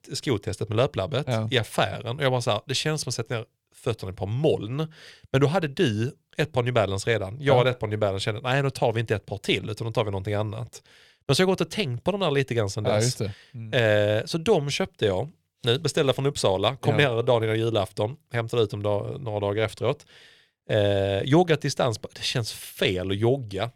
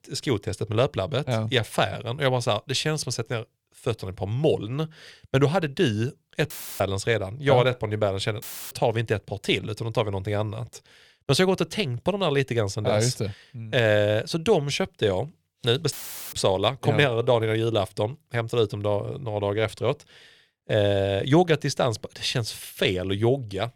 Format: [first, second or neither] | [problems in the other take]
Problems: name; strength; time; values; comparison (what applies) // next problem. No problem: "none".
first | audio cutting out; filled with static; at 6.5 s, at 8.5 s and at 16 s